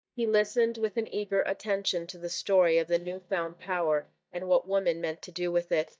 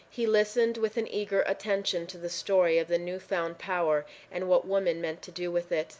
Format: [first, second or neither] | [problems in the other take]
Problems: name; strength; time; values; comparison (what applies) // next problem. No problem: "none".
second | noise reduction (neural mask model DeepFilterNet 3)